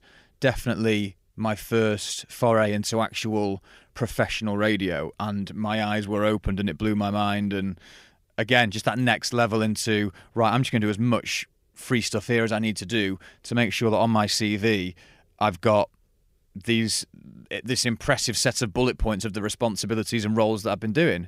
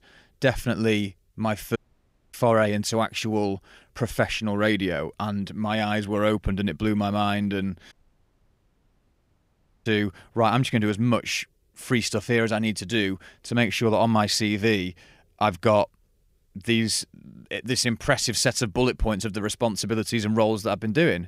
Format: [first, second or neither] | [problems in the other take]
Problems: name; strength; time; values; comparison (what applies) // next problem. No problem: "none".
first | audio cutting out; at 2 s for 0.5 s and at 8 s for 2 s